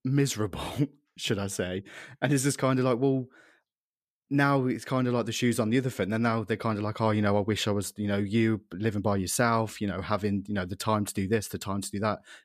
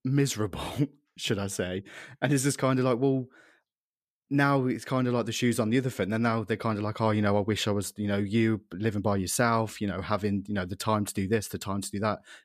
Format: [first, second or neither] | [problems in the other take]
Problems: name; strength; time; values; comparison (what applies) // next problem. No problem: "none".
neither | none